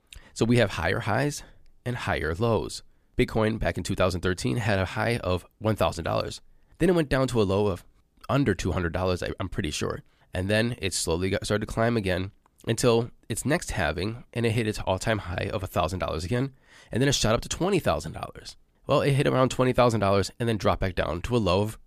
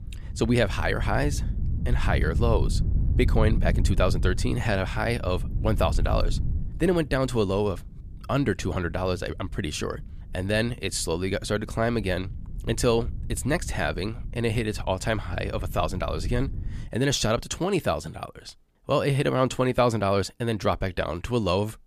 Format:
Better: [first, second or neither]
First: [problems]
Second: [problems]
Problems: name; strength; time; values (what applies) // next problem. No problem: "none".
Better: first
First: none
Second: wind noise on the microphone; occasional gusts; until 17 s; 20 dB below the speech